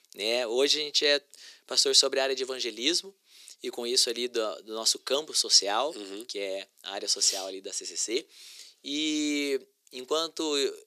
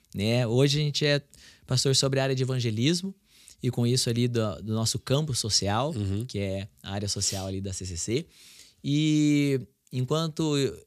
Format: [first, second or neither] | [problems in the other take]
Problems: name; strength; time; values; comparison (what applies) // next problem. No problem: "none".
second | thin; somewhat; fading below 350 Hz